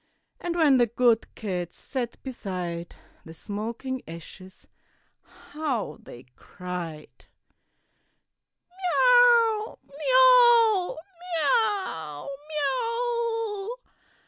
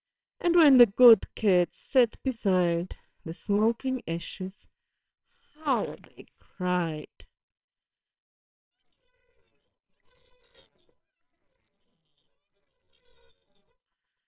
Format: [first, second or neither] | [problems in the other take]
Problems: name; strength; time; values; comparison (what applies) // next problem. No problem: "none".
first | noise reduction (neural separator model SepFormer WHAMR!)